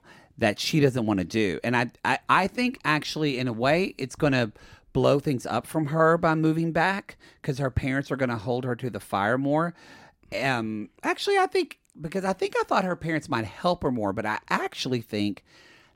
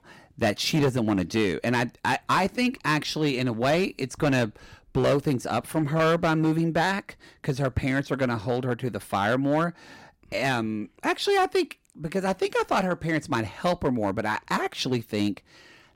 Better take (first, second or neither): first